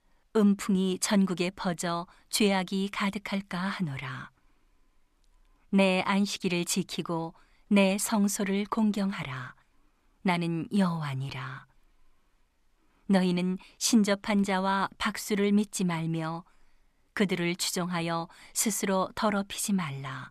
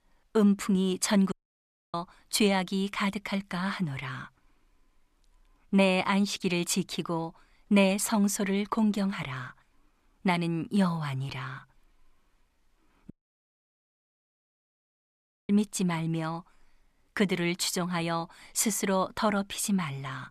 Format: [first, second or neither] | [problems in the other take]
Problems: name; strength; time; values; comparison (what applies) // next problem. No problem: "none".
first | audio cutting out; at 1.5 s for 0.5 s and at 13 s for 2.5 s